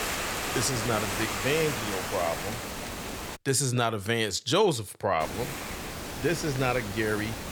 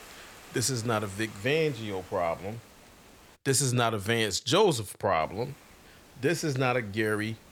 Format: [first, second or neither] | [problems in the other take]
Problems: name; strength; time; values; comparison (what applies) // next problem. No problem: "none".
second | hiss; loud; until 3.5 s and from 5 s on; 5 dB below the speech; faint in the second